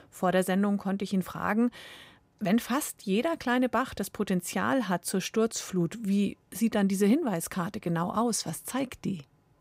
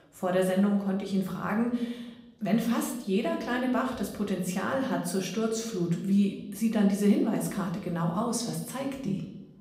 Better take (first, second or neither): first